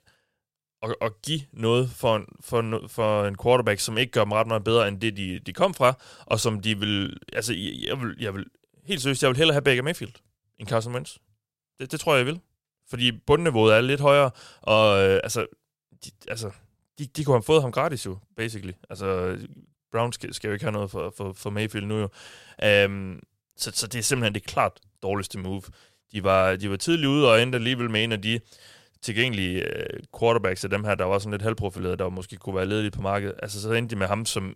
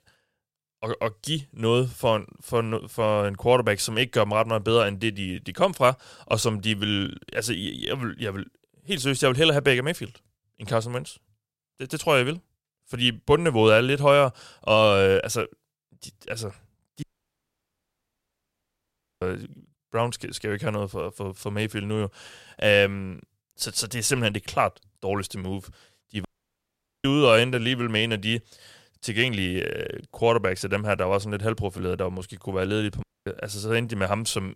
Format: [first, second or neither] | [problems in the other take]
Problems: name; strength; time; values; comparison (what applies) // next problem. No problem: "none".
first | audio cutting out; at 17 s for 2 s, at 26 s for 1 s and at 33 s